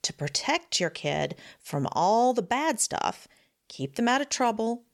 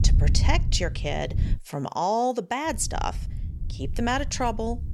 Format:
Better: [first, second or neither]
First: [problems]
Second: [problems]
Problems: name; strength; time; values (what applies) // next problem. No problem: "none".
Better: first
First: none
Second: wind noise on the microphone; occasional gusts; until 1.5 s and from 2.5 s on; 20 dB below the speech